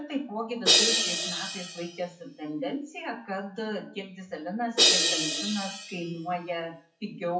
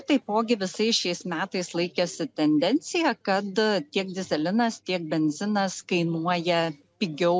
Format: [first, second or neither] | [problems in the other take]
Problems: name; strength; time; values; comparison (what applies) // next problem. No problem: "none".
second | noise reduction (classical method WPE with log-MMSE)